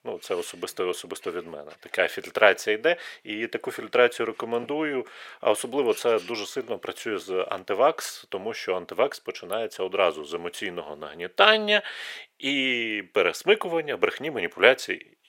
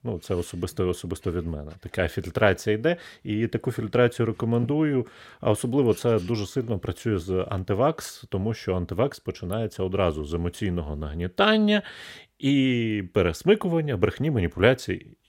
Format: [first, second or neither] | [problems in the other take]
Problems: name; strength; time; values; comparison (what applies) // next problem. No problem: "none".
second | thin; very; fading below 550 Hz